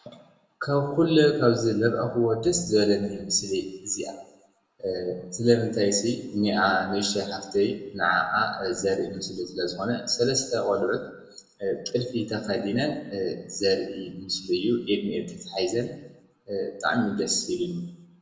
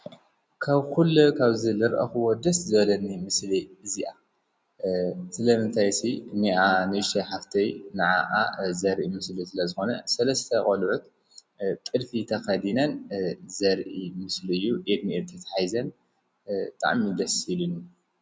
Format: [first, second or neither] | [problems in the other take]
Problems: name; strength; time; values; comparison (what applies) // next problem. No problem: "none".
second | room echo; dies away in 0.8 s